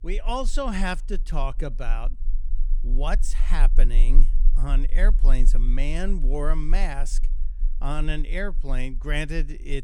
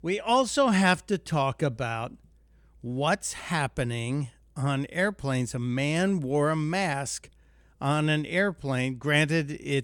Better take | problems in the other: second | low rumble; faint; throughout; 25 dB below the speech

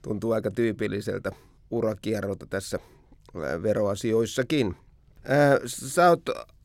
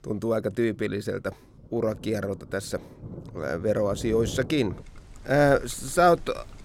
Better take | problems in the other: first | rain or running water; noticeable; throughout; 15 dB below the speech

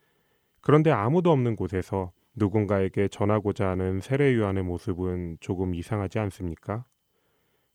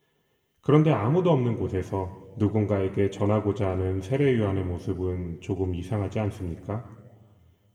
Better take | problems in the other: first | room echo; slight; dies away in 1.2 s // off-mic speech; somewhat distant

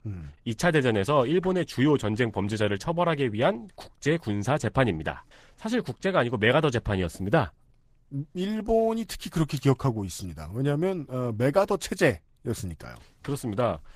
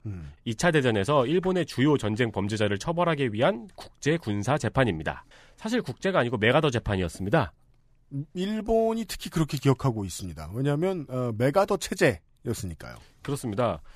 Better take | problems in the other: second | garbled, watery; slightly; nothing above 15 kHz

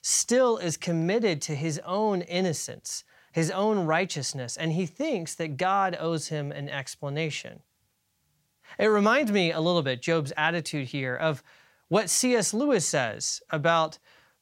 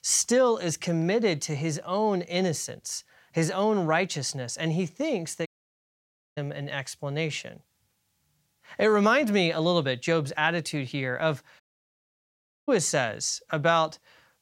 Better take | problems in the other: first | audio cutting out; at 5.5 s for 1 s and at 12 s for 1 s

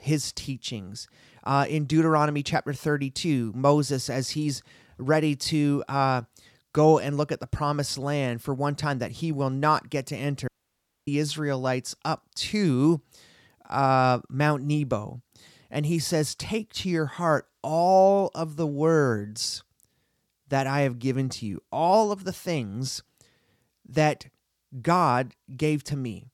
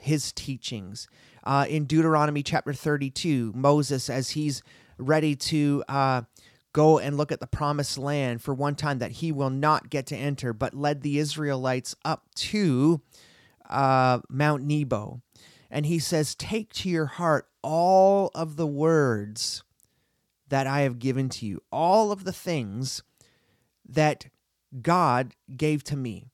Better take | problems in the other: second | audio cutting out; at 10 s for 0.5 s

